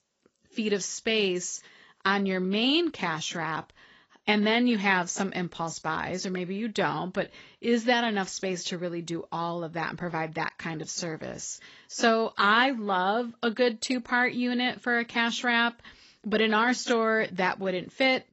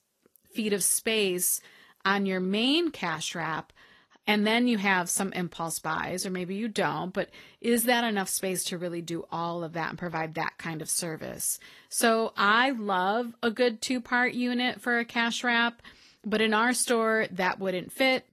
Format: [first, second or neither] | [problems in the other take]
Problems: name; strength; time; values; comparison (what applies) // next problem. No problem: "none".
second | garbled, watery; badly; nothing above 7.5 kHz; slightly in the second